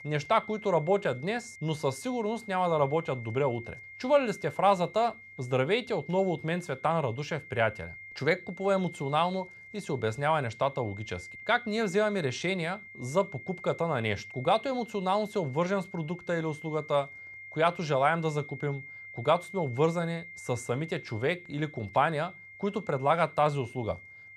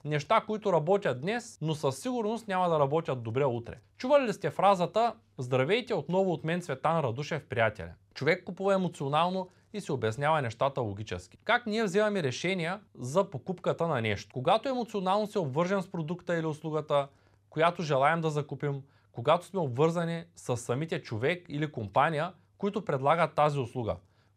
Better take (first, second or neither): second